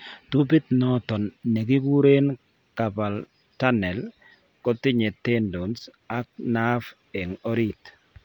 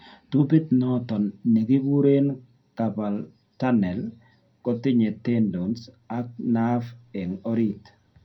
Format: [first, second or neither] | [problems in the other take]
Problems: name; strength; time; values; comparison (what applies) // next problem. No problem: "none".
first | room echo; dies away in 0.2 s